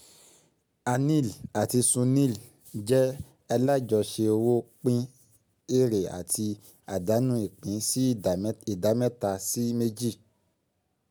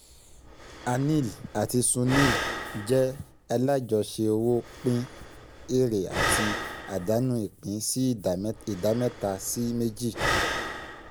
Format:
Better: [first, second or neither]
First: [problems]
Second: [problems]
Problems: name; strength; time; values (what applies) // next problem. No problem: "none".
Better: first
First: none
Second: background sound (Breathing); 6 dB below the speech